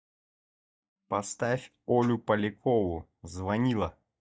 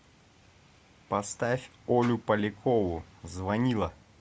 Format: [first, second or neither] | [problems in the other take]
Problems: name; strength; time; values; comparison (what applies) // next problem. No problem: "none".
second | noise reduction (neural mask model DeepFilterNet 3)